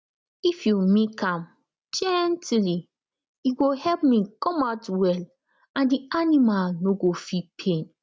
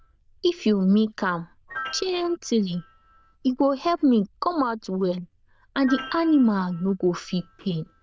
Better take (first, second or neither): first